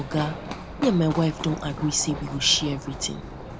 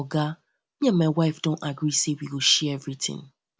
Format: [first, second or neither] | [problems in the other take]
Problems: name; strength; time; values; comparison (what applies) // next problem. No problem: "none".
second | background sound (Run); 9 dB below the speech